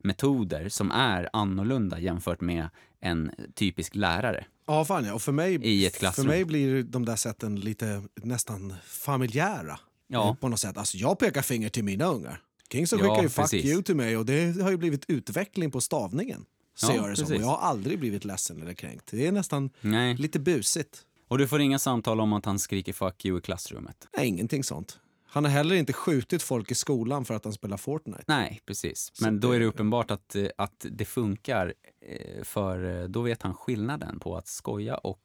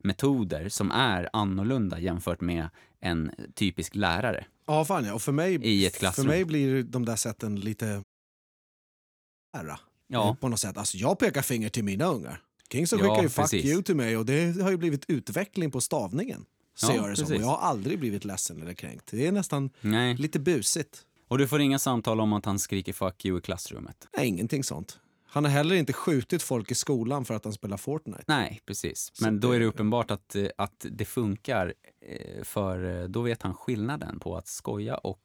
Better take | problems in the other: first | audio cutting out; at 8 s for 1.5 s

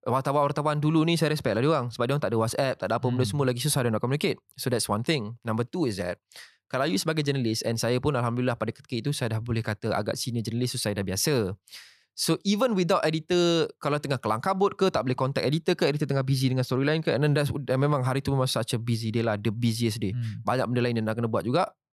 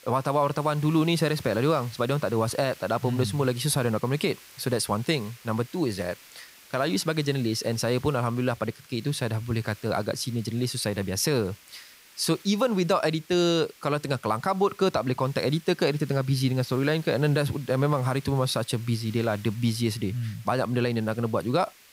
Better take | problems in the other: first | hiss; faint; throughout; 20 dB below the speech

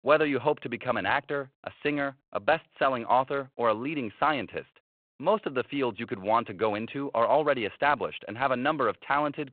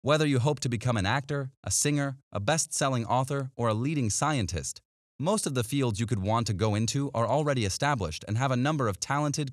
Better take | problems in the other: second | phone-call audio; nothing above 4 kHz

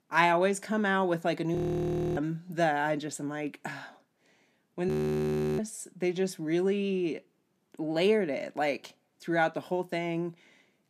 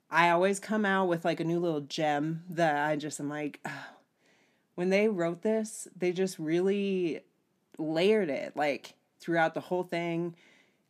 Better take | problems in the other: second | audio freezing; at 1.5 s for 0.5 s and at 5 s for 0.5 s

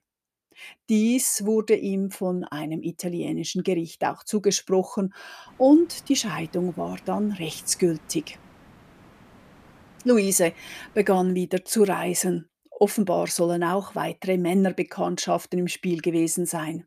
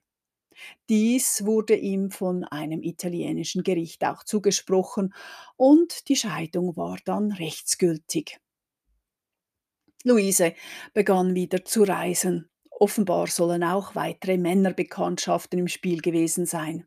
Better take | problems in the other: second | hiss; faint; from 5.5 to 11 s; 30 dB below the speech

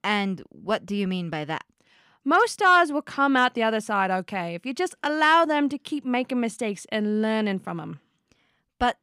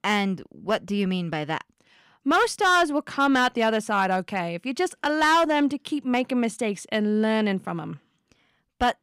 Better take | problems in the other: first | distortion; slight; 3% of the sound clipped

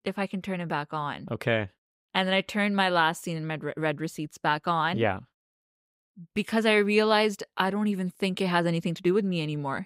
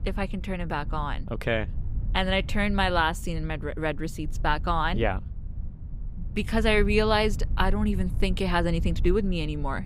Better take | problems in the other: first | low rumble; faint; throughout; 20 dB below the speech

